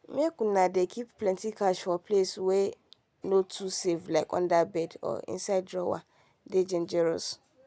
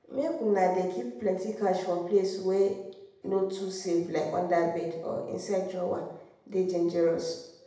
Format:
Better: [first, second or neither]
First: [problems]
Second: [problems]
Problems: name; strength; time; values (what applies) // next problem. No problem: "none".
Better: first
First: none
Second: room echo; dies away in 0.8 s